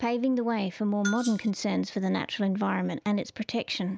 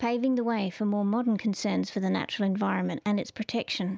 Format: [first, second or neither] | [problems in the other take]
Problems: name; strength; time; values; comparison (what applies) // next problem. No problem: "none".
second | background sound (Bell + Rattle (instrument)); 15 dB below the speech